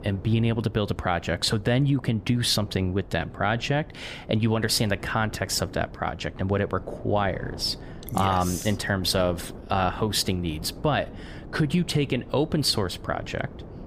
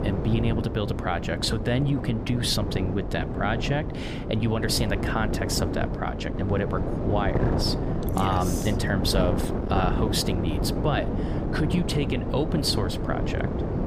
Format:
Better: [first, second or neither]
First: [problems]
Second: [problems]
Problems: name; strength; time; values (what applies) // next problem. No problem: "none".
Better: first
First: wind noise on the microphone; occasional gusts; 20 dB below the speech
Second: wind noise on the microphone; heavy; 4 dB below the speech